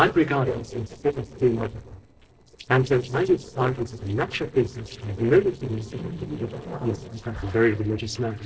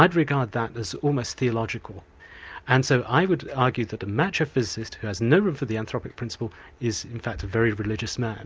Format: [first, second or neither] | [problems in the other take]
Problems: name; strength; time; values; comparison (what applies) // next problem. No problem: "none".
second | noise reduction (neural separator model SepFormer DNS4)